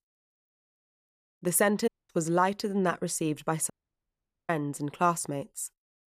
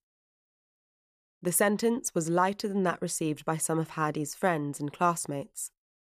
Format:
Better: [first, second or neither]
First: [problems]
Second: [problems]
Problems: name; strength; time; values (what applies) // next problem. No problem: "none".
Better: second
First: audio cutting out; at 2 s and at 3.5 s for 1 s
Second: none